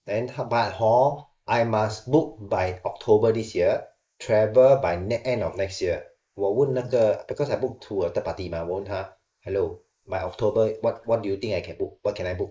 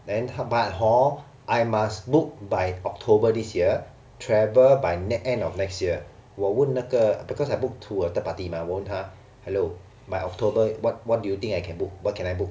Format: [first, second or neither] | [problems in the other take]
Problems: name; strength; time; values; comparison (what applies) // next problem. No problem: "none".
second | noise reduction (neural mask model Resemble Enhance denoiser)